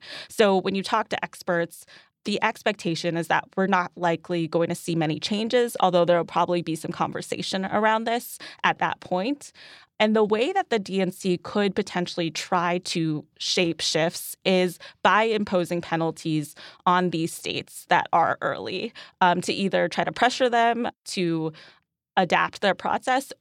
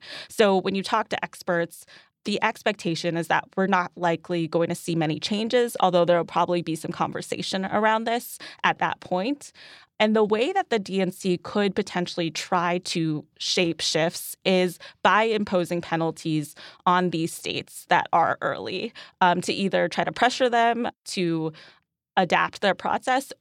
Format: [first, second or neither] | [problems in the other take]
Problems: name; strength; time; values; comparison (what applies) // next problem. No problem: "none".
neither | none